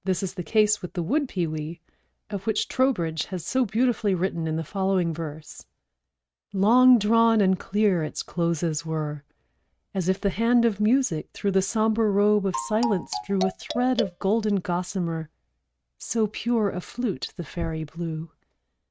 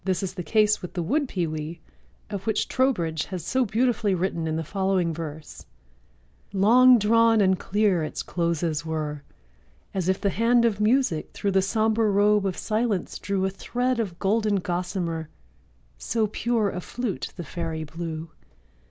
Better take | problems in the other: second | noise reduction (neural mask model RNNoise)

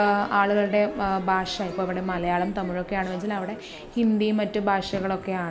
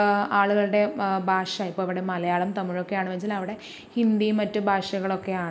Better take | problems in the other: second | background sound (Crowd / Fireworks); 15 dB below the speech

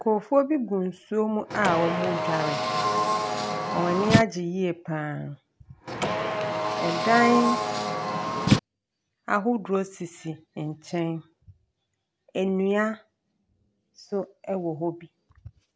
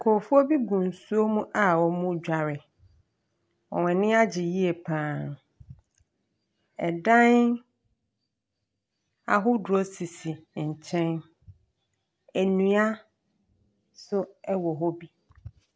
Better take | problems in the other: second | background sound (Car); 1 dB above the speech

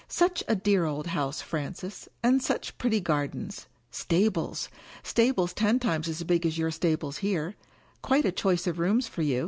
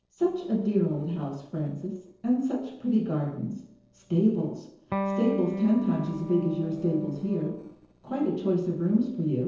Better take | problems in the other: first | noise reduction (neural separator model SepFormer DNS4)

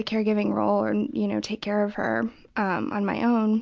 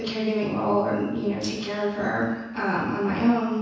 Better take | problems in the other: first | room echo; dies away in 1.1 s

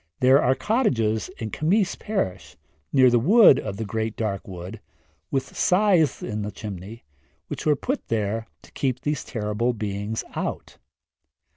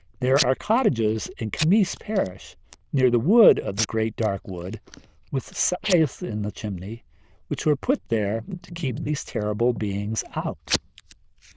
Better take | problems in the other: first | noise reduction (neural diffusion model UNIVERSE++)

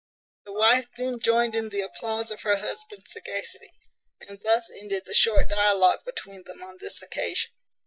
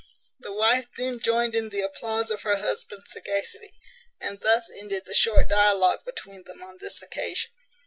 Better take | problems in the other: second | noise reduction (neural mask model DeepFilterNet 3)

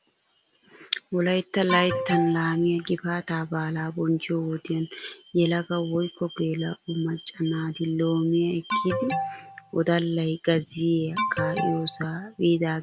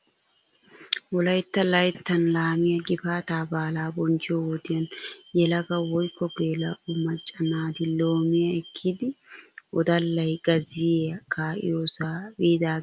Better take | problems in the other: second | background sound (Alarm); 5 dB below the speech

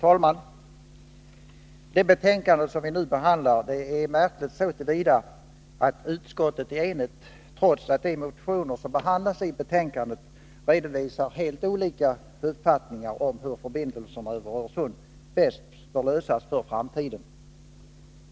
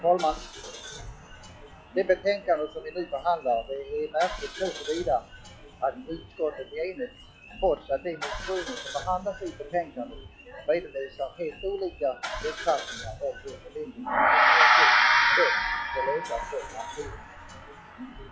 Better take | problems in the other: first | noise reduction (classical method log-MMSE)

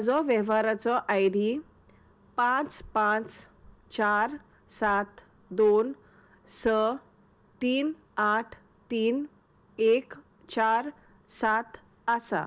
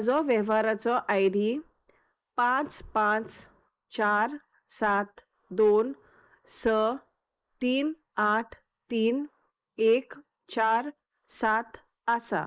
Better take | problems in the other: first | noise reduction (neural mask model Resemble Enhance denoiser)

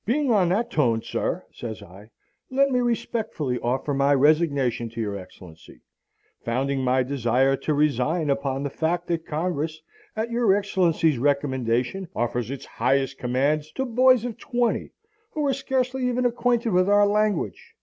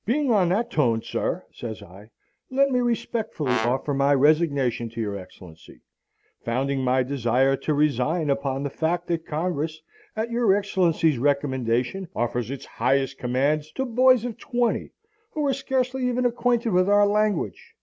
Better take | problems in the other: first | background sound (Brass instrument); 8 dB below the speech

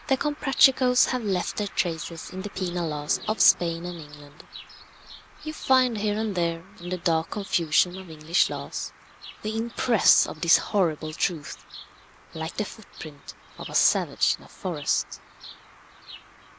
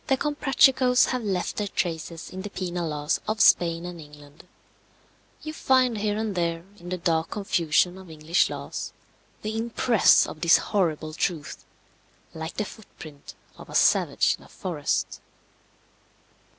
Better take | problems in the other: second | background sound (Engine / Mechanisms + Bird vocalization, bird call, bird song); 18 dB below the speech

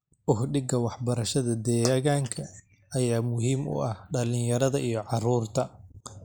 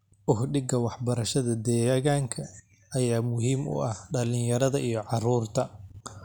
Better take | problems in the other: second | noise reduction (neural mask model Resemble Enhance denoiser)

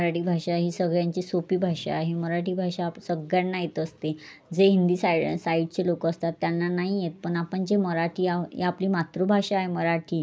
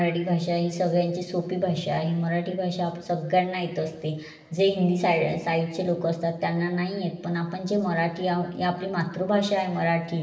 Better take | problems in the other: first | room echo; dies away in 1 s

